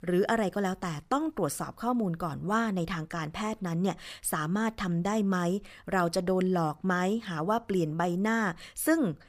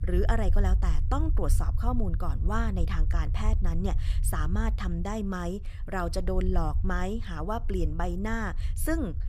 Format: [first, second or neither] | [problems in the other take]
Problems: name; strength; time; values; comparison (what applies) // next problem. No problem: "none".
first | low rumble; noticeable; throughout; 15 dB below the speech